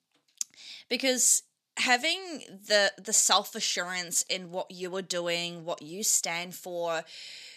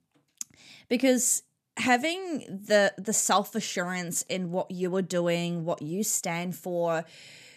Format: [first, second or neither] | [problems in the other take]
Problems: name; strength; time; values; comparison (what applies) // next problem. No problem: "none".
second | thin; very slightly; fading below 1 kHz